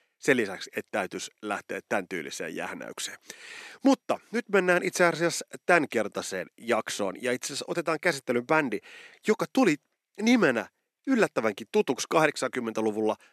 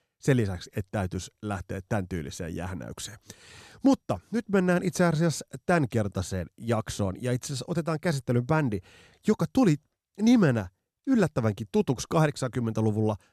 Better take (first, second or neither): second